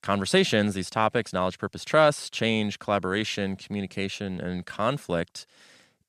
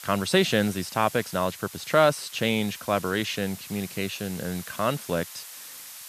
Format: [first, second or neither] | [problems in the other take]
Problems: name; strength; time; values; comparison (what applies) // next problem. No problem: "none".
first | hiss; noticeable; throughout; 15 dB below the speech